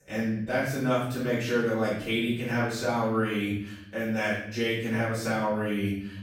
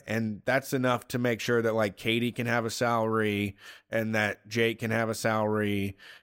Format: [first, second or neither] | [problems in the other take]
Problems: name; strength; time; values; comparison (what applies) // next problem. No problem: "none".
second | off-mic speech; far // room echo; noticeable; dies away in 0.7 s